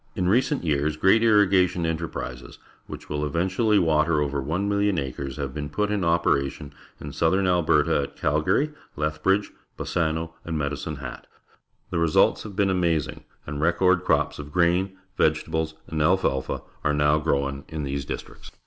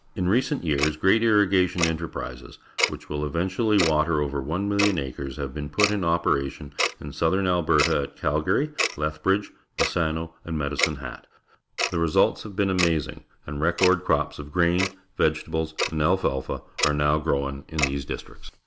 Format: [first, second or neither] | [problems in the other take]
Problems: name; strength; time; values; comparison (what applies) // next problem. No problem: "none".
first | background sound (Tick-tock); 8 dB below the speech